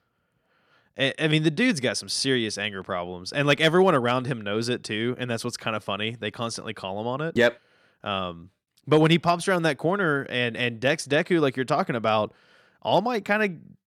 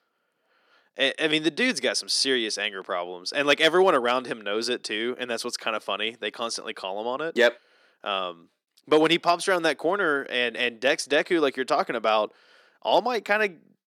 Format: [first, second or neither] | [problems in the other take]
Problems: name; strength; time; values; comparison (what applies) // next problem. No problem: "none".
first | thin; somewhat; fading below 300 Hz